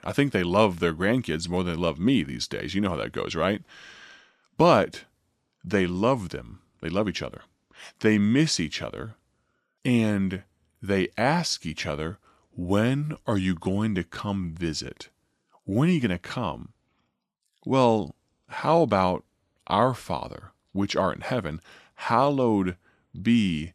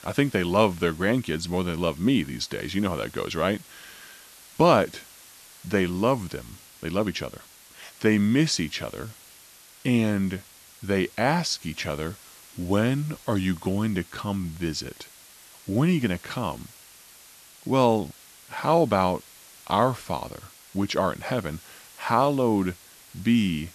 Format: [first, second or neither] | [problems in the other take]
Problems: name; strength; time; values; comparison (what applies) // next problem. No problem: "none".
first | hiss; faint; throughout; 20 dB below the speech